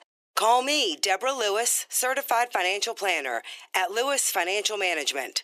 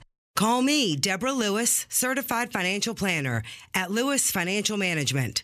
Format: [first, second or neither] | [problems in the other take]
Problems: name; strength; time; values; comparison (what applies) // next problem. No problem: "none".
second | thin; very; fading below 350 Hz